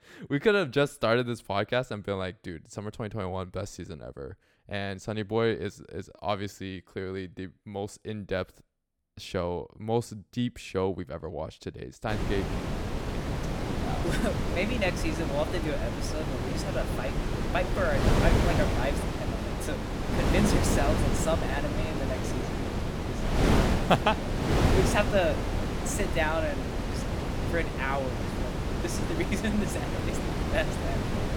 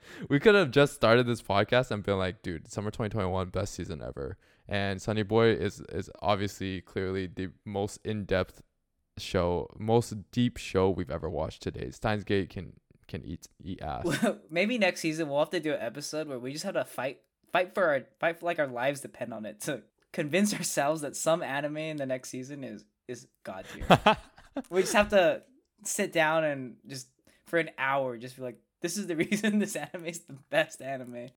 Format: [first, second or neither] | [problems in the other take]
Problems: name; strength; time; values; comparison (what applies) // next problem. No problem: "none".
second | wind noise on the microphone; heavy; from 12 s on; 2 dB below the speech